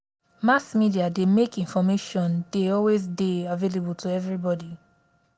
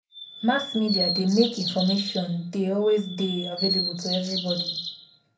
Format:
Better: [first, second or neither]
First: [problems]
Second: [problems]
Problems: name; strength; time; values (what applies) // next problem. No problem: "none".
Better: first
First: none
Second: background sound (Bird vocalization, bird call, bird song); 5 dB below the speech // room echo; dies away in 0.3 s